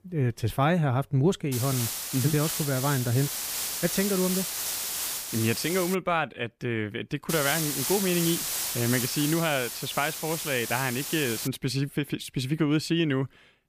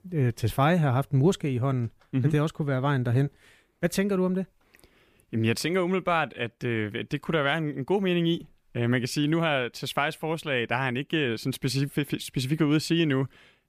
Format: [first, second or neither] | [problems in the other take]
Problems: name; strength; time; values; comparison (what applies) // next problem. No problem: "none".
second | hiss; loud; from 1.5 to 6 s and from 7.5 to 11 s; 2 dB below the speech